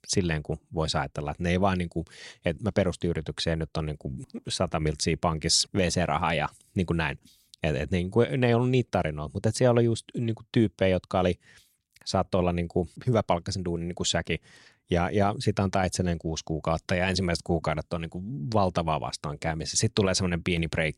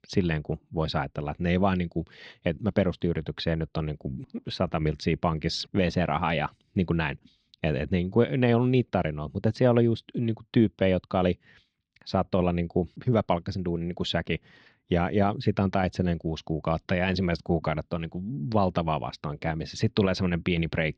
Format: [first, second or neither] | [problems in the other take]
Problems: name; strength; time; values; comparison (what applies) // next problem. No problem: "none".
first | muffled; slightly; fading above 4 kHz